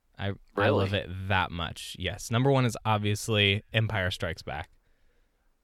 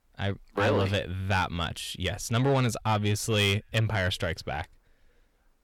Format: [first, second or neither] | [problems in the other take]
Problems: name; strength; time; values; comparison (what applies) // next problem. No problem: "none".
first | distortion; slight; 10 dB below the speech